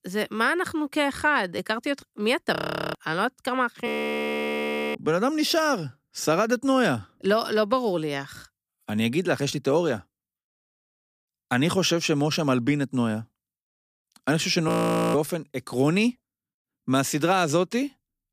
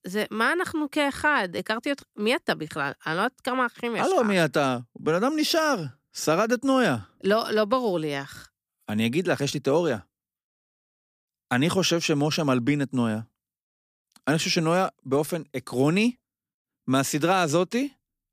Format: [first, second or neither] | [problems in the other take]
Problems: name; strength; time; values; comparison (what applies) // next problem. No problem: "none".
second | audio freezing; at 2.5 s, at 4 s for 1 s and at 15 s